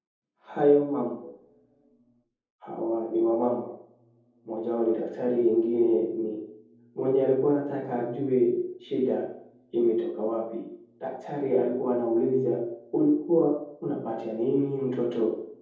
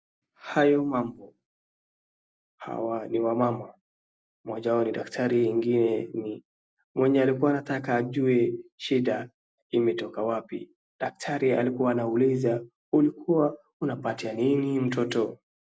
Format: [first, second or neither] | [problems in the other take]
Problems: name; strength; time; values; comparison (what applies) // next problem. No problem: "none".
second | room echo; dies away in 0.7 s